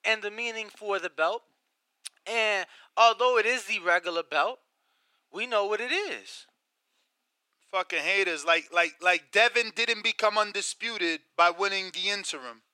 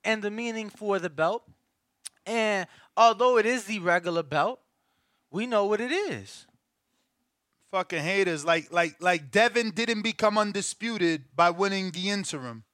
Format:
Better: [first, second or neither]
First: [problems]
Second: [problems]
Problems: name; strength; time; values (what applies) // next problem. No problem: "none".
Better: second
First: thin; very; fading below 350 Hz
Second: none